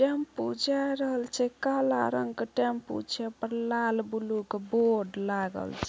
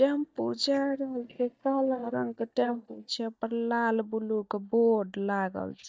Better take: first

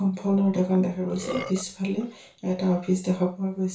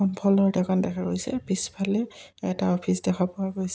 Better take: second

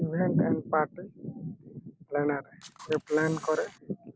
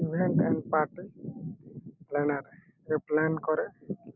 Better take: second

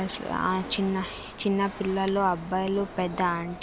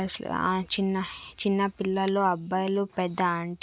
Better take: second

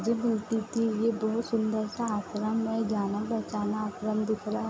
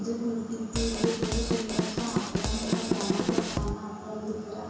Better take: first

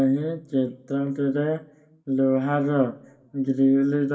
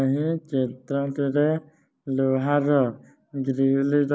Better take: second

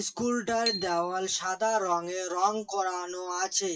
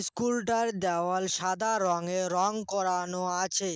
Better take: second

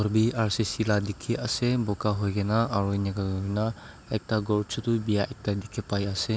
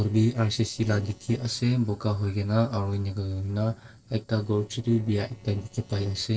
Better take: first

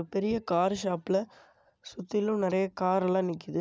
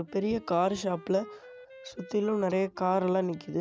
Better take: first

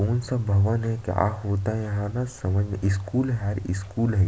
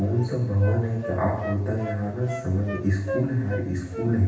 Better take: first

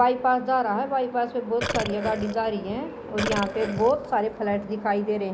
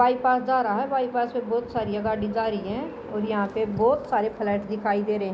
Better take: second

